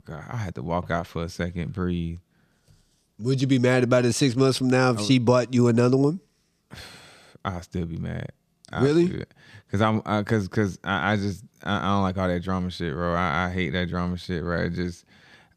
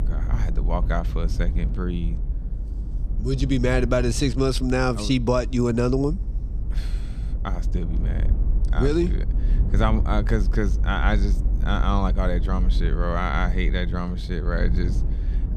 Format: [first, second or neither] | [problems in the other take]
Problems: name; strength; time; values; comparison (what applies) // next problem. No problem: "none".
first | low rumble; noticeable; throughout; 15 dB below the speech